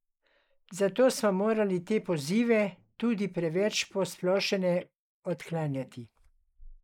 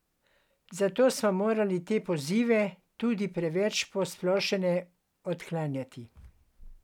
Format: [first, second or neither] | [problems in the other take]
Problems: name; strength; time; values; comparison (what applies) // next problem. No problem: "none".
second | noise reduction (neural mask model Resemble Enhance denoiser)